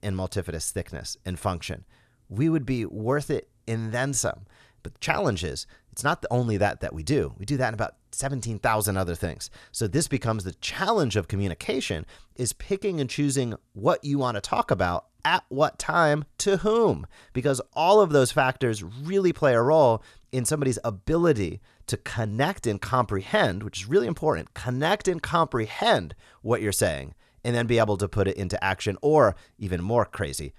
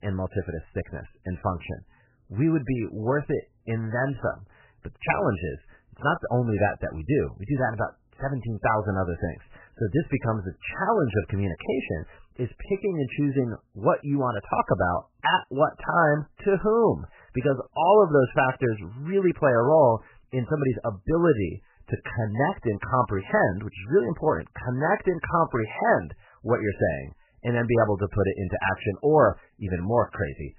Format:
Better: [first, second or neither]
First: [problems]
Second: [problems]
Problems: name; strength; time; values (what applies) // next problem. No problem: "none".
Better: first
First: none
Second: garbled, watery; badly; nothing above 3 kHz